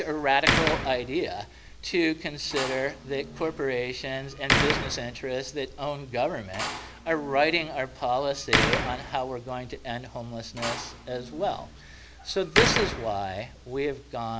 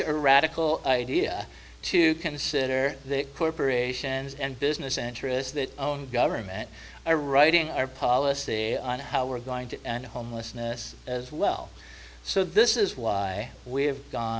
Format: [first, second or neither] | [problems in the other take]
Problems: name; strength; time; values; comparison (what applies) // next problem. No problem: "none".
second | background sound (Slam); 2 dB below the speech